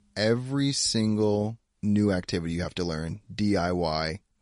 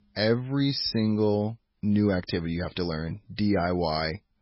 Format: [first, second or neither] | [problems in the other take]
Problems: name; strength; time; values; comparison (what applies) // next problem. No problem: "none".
first | garbled, watery; badly; nothing above 5.5 kHz; slightly in the first